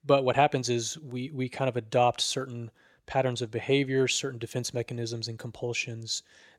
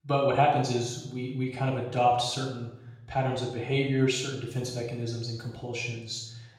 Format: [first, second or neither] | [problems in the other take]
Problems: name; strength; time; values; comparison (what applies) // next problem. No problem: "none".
first | off-mic speech; far // room echo; noticeable; dies away in 0.8 s